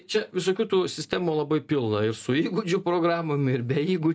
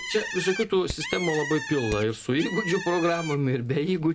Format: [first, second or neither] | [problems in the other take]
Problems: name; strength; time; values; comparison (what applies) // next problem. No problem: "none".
first | background sound (Bird + Hammer); 10 dB below the speech